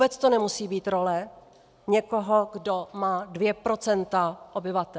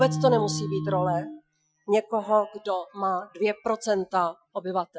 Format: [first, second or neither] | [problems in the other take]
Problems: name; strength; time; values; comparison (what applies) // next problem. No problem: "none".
first | noise reduction (classical method Wiener filter)